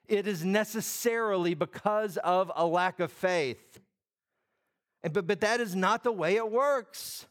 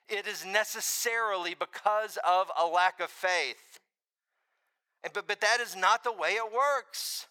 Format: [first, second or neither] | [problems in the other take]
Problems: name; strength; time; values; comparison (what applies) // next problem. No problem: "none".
first | thin; very; fading below 850 Hz